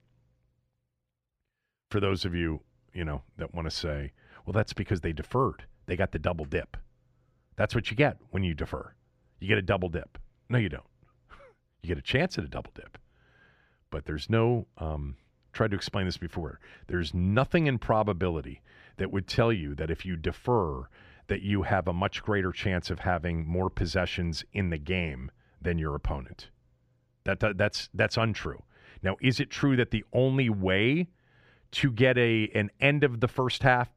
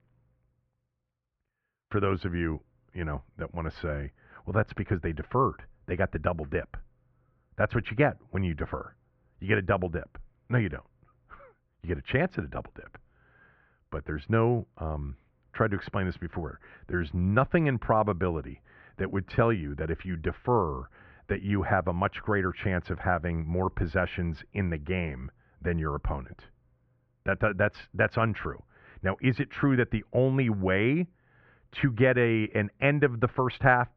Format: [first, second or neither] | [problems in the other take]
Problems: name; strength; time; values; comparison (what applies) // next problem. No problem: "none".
first | muffled; very; fading above 2 kHz